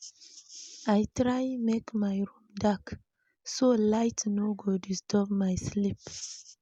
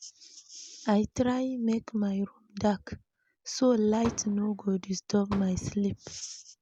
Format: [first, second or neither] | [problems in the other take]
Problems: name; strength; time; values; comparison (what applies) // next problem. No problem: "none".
first | background sound (Fireworks); 13 dB below the speech